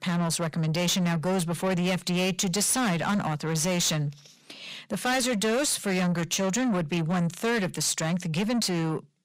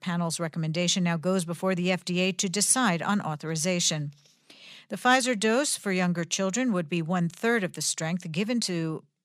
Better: second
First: distortion; heavy; 7 dB below the speech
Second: none

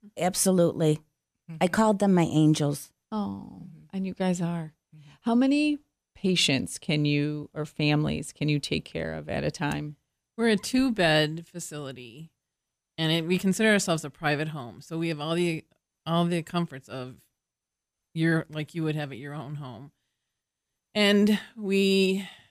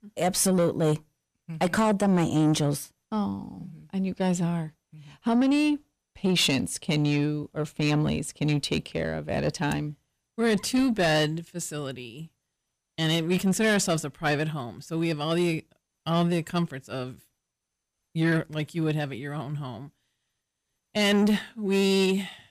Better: first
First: none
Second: distortion; slight; 10 dB below the speech

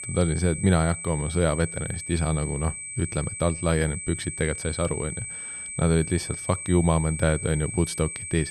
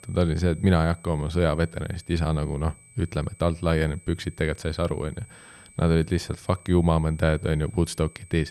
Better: second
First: high-pitched whine; loud; throughout; 8 kHz, 7 dB below the speech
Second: high-pitched whine; faint; throughout; 8 kHz, 25 dB below the speech

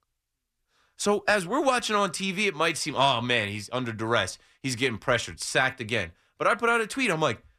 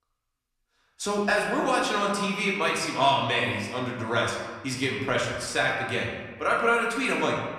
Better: first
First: none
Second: room echo; noticeable; dies away in 1.2 s // off-mic speech; far

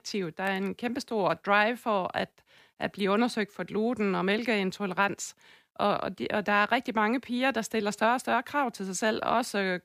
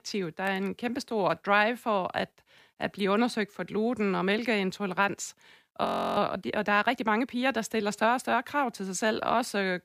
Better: first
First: none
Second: audio freezing; at 6 s

